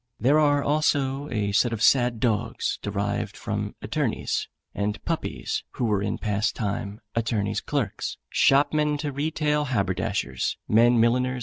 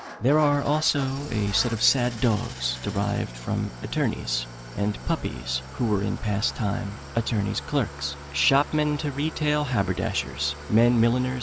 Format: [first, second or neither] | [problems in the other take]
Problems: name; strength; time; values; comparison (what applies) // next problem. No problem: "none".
first | background sound (Idling / Engine starting); 13 dB below the speech